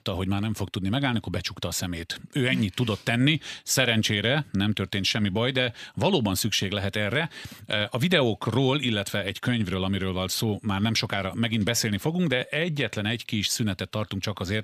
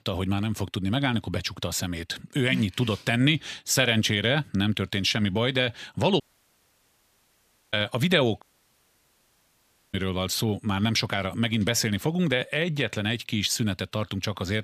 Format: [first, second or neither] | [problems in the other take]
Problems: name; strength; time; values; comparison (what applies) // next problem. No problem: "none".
first | audio cutting out; at 6 s for 1.5 s and at 8.5 s for 1.5 s